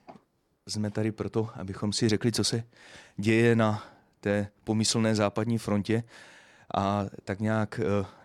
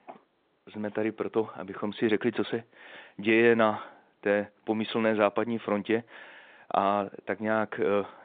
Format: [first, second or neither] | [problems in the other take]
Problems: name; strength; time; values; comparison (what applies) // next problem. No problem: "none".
first | phone-call audio; nothing above 3.5 kHz